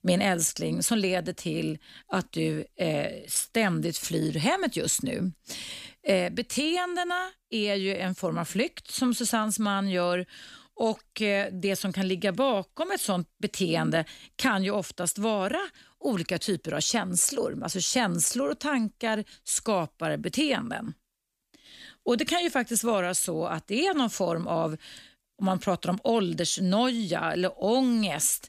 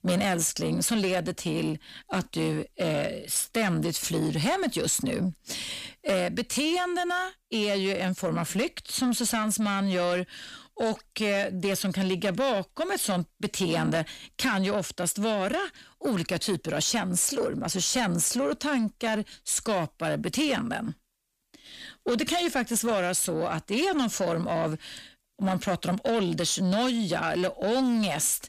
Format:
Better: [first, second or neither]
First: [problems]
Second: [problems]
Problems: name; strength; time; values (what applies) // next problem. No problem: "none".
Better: first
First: none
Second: distortion; slight; 10 dB below the speech